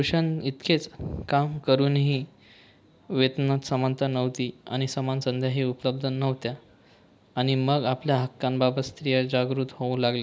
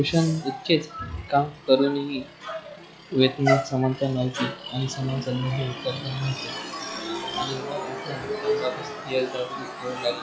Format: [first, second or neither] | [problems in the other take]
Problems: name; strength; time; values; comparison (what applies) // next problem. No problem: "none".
first | noise reduction (classical method log-MMSE)